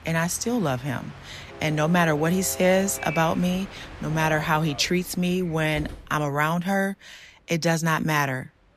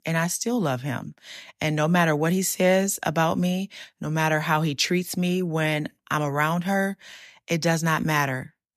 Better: second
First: train or aircraft noise; noticeable; throughout; 15 dB below the speech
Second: none

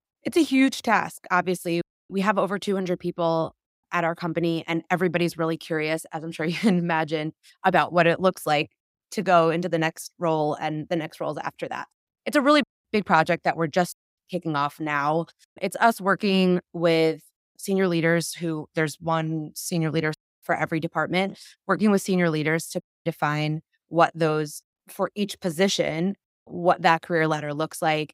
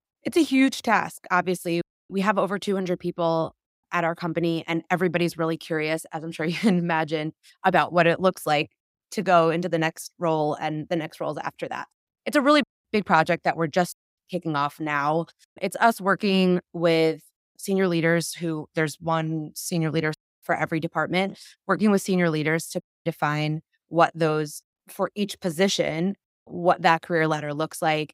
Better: neither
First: none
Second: none

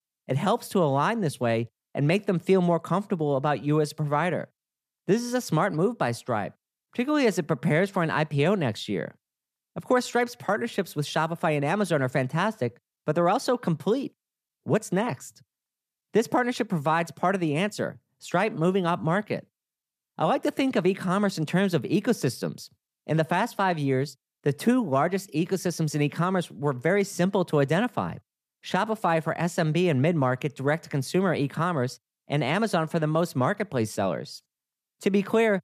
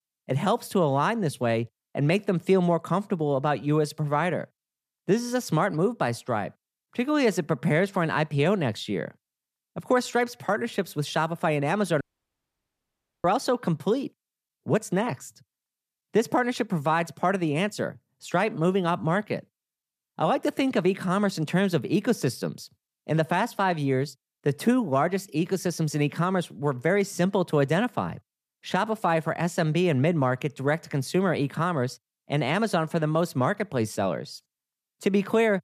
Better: first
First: none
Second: audio cutting out; at 12 s for 1 s

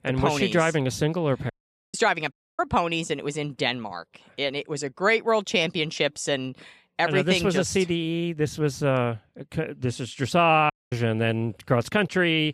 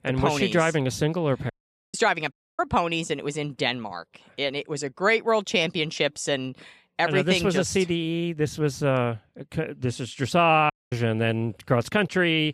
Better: neither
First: audio cutting out; at 1.5 s, at 2.5 s and at 11 s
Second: audio cutting out; at 1.5 s, at 2.5 s and at 11 s

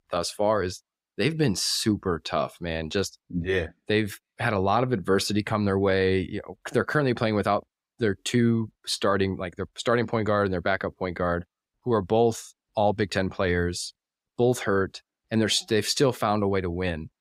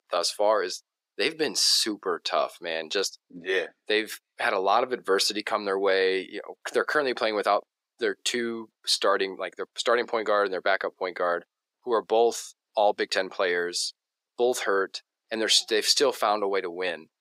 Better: first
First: none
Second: thin; very; fading below 400 Hz

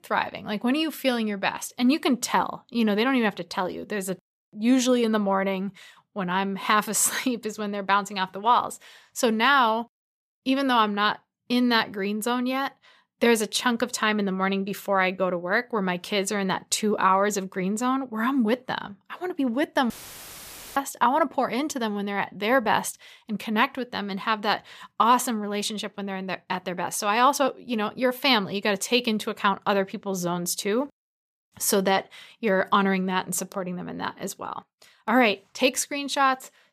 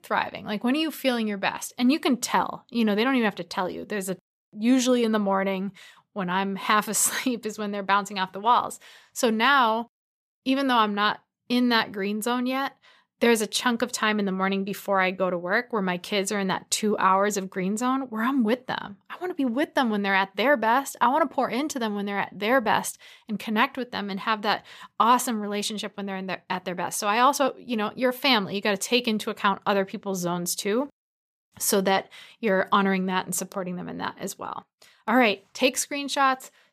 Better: second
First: audio cutting out; filled with static; at 20 s for 1 s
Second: none

